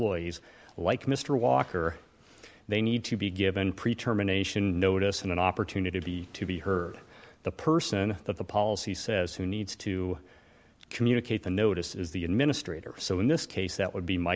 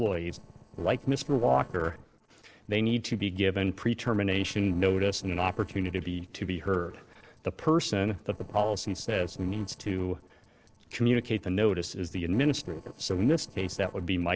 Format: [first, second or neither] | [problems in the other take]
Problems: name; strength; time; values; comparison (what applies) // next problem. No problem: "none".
first | noise reduction (neural separator model SepFormer DNS4)